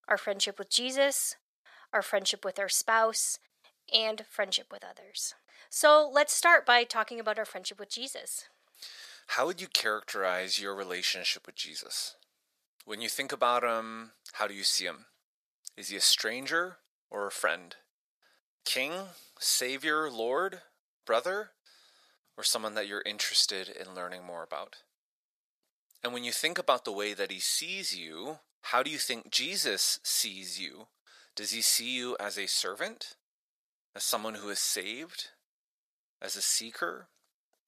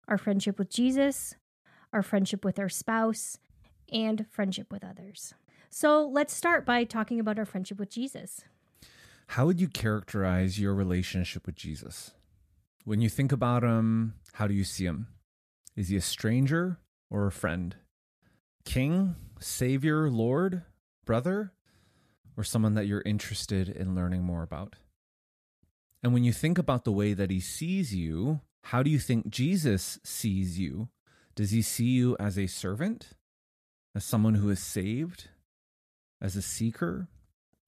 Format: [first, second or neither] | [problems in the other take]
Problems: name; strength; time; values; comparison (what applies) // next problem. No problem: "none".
second | thin; very; fading below 550 Hz